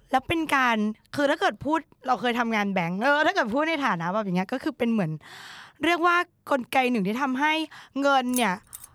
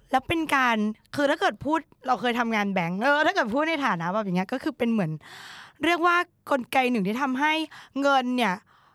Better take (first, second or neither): second